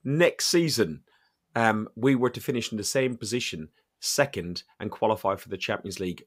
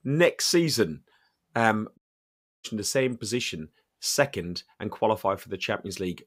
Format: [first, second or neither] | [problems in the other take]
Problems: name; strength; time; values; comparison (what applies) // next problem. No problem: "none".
first | audio cutting out; at 2 s for 0.5 s